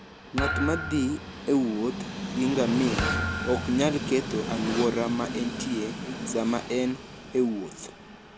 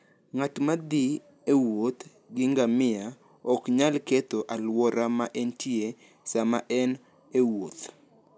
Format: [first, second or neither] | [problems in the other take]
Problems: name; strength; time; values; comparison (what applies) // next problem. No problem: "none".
second | background sound (Thump, thud + Train); 4 dB below the speech